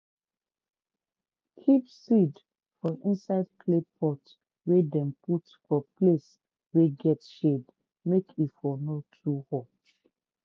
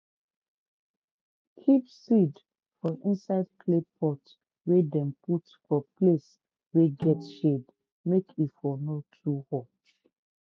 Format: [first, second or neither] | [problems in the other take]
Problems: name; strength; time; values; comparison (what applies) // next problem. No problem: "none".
first | noise reduction (neural mask model RNNoise)